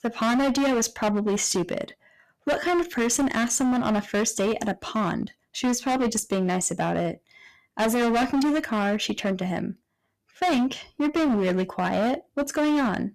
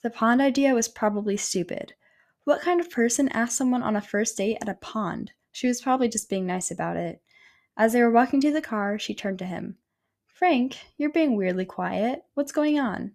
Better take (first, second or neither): second